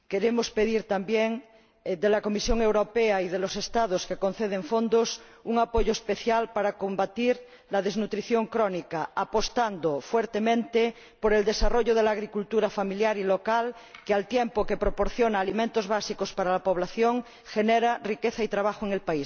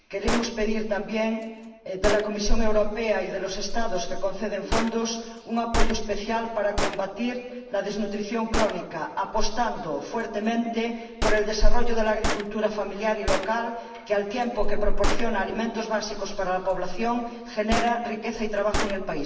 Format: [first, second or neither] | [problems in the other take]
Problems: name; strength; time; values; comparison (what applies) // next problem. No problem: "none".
first | background sound (Gunshot, gunfire); 9 dB below the speech // room echo; dies away in 1.4 s